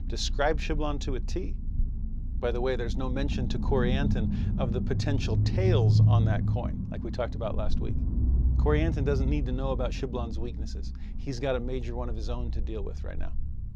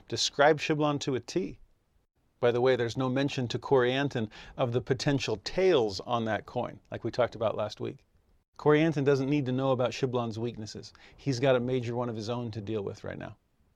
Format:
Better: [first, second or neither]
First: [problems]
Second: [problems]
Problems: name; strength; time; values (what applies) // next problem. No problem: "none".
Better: second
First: low rumble; loud; throughout; 8 dB below the speech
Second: none